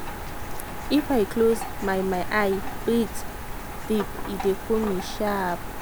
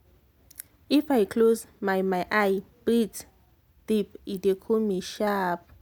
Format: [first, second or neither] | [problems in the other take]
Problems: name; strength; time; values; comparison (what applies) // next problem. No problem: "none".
second | background sound (Rain); 5 dB below the speech